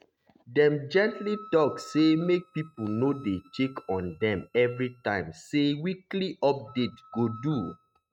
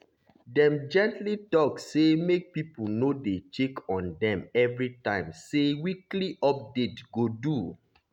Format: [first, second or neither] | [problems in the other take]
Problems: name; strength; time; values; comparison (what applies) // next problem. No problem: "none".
second | noise reduction (neural mask model RNNoise)